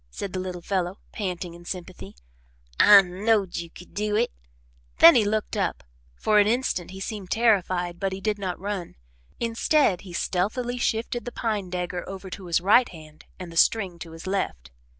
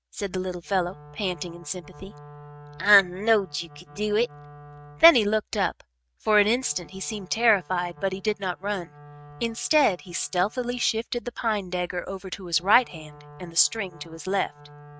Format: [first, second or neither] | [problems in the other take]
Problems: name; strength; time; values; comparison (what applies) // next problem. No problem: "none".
first | noise reduction (neural mask model RNNoise)